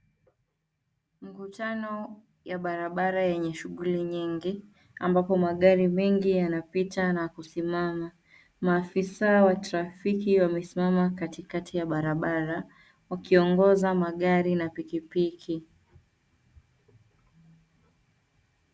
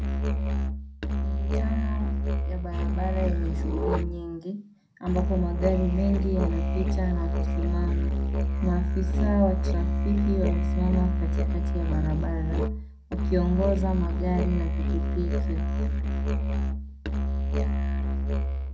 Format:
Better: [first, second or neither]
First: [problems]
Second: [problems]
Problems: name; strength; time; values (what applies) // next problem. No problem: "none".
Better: first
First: none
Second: background sound (Musical instrument); 5 dB above the speech // room echo; dies away in 0.2 s